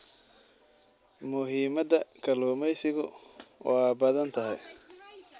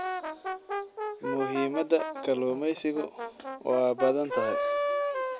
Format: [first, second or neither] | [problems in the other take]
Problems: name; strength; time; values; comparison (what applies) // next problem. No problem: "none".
first | background sound (Brass instrument); 3 dB below the speech